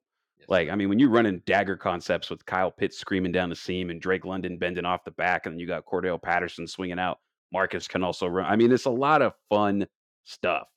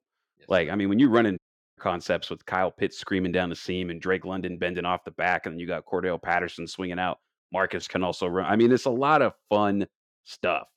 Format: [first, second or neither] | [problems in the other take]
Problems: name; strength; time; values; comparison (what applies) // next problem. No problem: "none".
first | audio cutting out; at 1.5 s